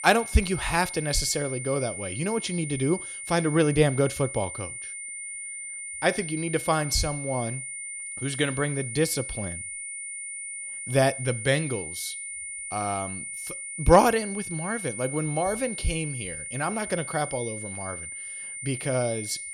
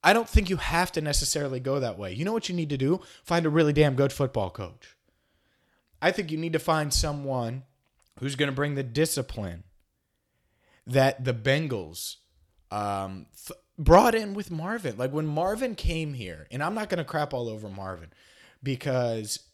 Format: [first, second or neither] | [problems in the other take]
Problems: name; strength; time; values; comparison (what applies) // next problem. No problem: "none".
second | high-pitched whine; loud; throughout; 2 kHz, 7 dB below the speech